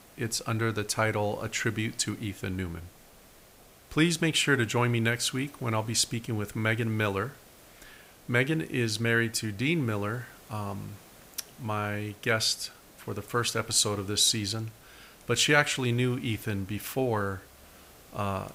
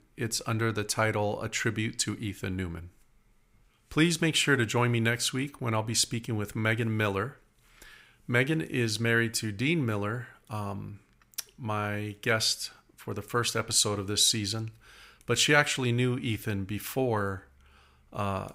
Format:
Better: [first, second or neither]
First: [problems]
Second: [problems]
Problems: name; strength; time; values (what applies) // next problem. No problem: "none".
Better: second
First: hiss; faint; throughout; 25 dB below the speech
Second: none